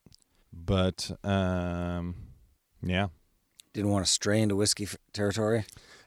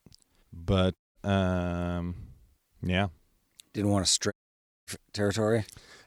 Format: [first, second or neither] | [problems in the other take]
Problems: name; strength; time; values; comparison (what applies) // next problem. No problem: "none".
first | audio cutting out; at 1 s and at 4.5 s for 0.5 s